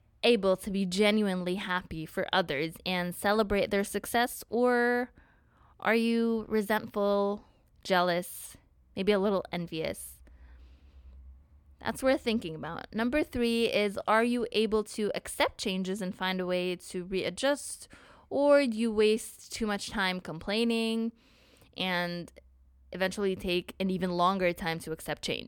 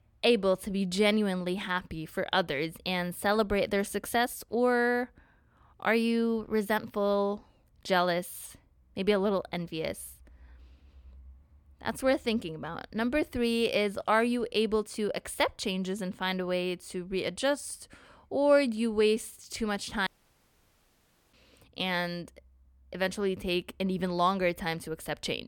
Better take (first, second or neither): first